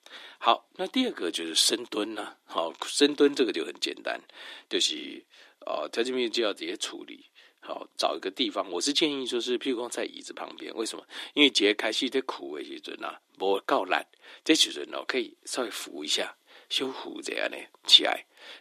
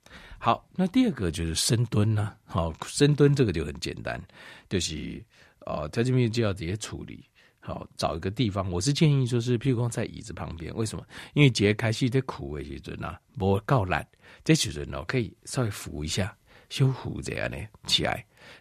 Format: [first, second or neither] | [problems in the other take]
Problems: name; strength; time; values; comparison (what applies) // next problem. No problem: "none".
second | thin; somewhat; fading below 300 Hz